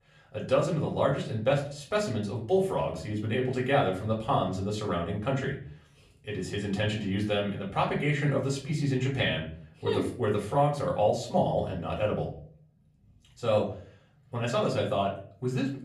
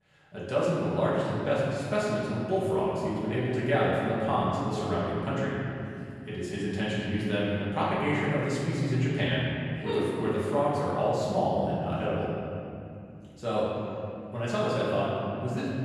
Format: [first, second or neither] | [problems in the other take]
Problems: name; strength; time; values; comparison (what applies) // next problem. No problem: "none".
first | room echo; strong; dies away in 2.6 s; slight in the first // off-mic speech; far; far in the first